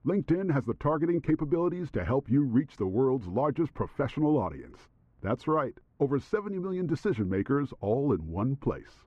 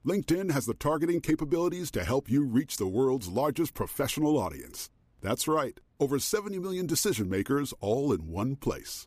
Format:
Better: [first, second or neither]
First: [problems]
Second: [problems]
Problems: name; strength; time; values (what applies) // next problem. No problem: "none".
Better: second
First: muffled; very; fading above 1.5 kHz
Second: none